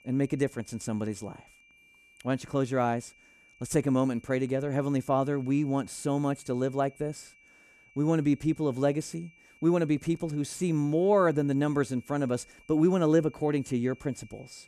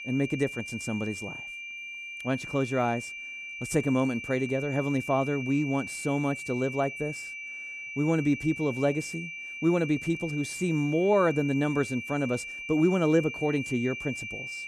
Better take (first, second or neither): first